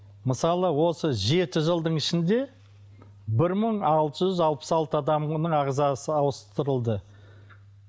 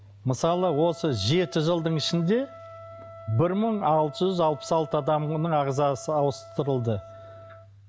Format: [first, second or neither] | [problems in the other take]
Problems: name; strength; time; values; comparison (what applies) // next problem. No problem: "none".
first | background sound (Trumpet); 19 dB below the speech